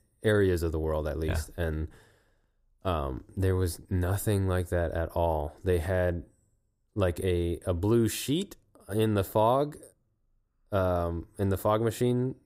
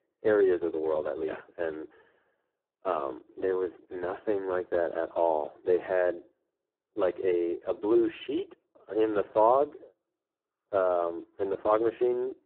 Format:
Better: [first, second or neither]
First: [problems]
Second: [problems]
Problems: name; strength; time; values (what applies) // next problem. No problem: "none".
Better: first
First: none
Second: phone-call audio; poor line